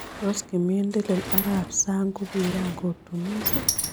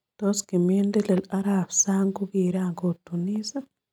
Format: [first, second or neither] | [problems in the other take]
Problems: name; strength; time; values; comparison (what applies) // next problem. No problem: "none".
second | background sound (Sliding door); 5 dB below the speech